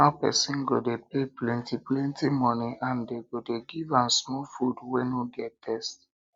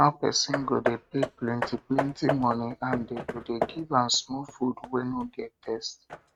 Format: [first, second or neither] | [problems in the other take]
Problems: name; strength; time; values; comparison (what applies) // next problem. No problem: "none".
first | noise reduction (neural mask model RNNoise)